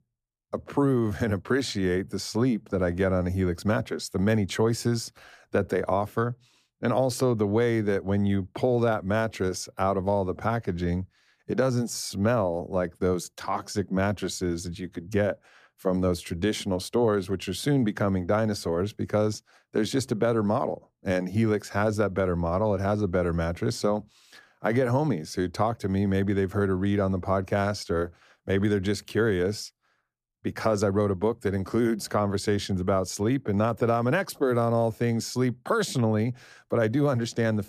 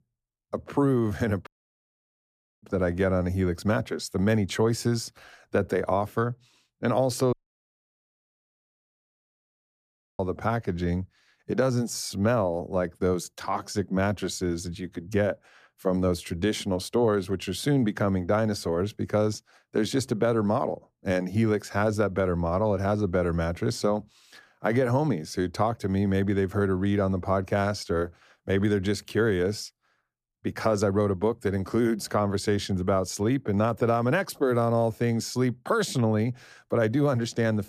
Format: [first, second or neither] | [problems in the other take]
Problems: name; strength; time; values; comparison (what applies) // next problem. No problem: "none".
first | audio cutting out; at 1.5 s for 1 s and at 7.5 s for 3 s